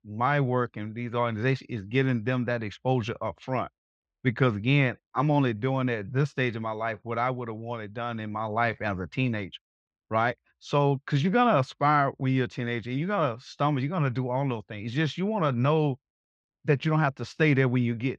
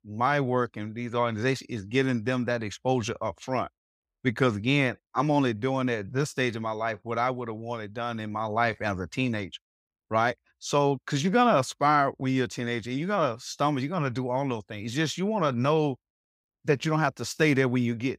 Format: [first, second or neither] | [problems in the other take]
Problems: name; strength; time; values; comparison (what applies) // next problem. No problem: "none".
second | muffled; slightly; fading above 3 kHz